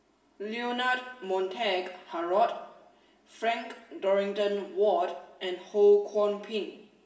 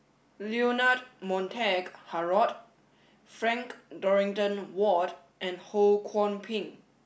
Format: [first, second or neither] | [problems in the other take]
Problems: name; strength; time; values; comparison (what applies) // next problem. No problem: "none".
second | room echo; dies away in 0.9 s